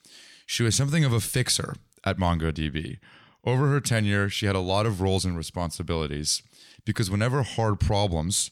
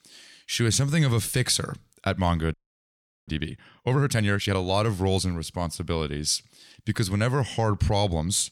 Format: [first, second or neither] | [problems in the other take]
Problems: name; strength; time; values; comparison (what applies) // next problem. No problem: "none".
first | audio freezing; at 2.5 s for 0.5 s